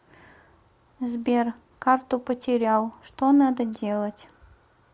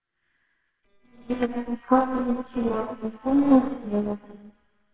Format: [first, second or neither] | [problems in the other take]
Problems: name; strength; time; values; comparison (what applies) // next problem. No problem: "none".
first | noise reduction (neural separator model SepFormer WHAMR!)